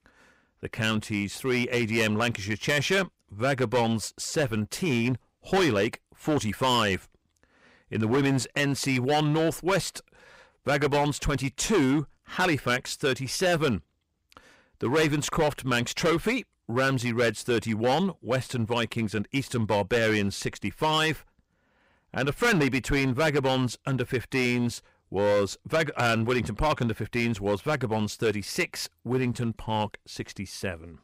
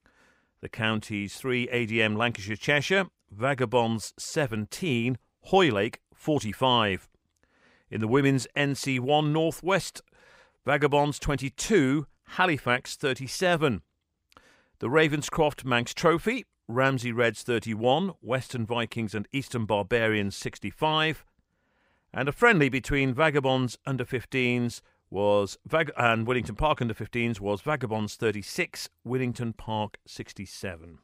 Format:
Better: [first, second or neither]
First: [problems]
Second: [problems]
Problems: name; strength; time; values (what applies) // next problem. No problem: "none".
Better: second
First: distortion; heavy; 8% of the sound clipped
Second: none